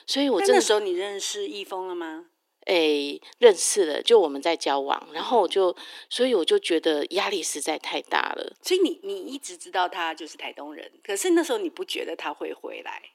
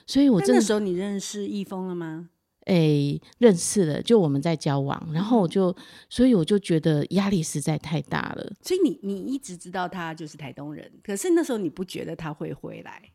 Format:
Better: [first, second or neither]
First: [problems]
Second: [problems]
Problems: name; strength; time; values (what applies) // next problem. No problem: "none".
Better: second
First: thin; very; fading below 350 Hz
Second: none